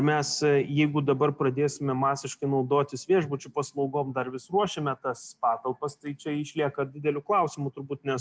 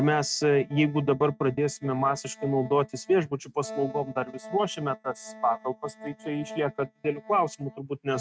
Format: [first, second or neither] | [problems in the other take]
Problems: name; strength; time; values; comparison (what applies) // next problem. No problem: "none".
first | noise reduction (neural mask model RNNoise)